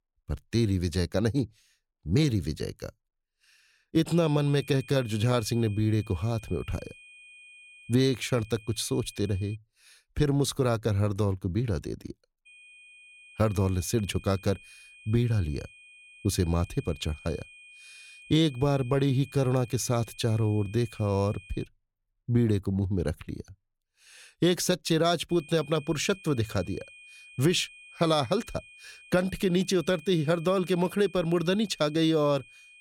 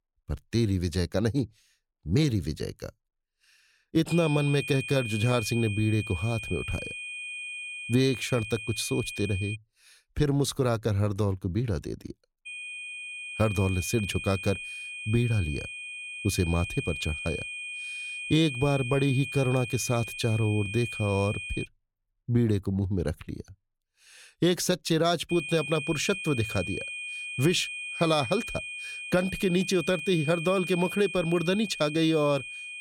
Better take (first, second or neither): first